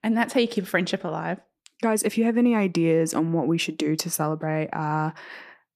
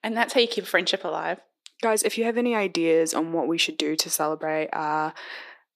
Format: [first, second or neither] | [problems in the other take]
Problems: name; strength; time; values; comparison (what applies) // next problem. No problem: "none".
first | thin; somewhat; fading below 450 Hz